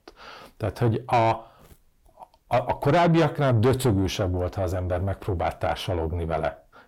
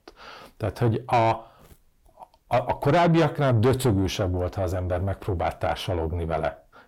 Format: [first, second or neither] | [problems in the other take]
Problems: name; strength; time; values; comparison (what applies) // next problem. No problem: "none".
neither | distortion; heavy; 6 dB below the speech; the same in both